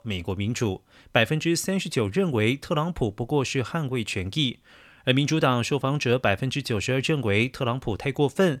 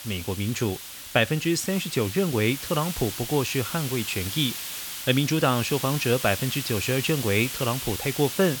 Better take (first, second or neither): first